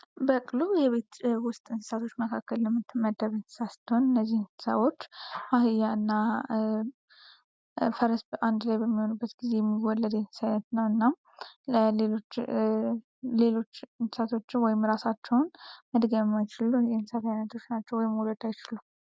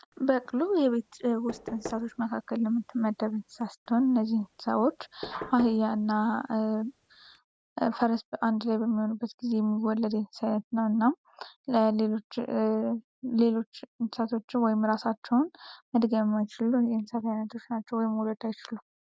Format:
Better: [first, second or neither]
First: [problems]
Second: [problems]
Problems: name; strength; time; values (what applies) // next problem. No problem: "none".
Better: first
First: none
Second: background sound (Knock / Wood); 19 dB below the speech